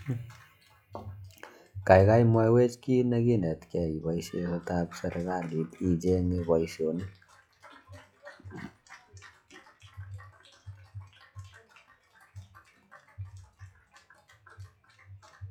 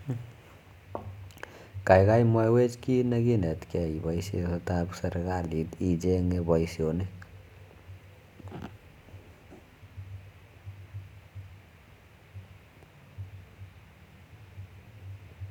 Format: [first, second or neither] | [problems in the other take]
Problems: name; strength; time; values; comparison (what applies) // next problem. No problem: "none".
second | noise reduction (classical method log-MMSE)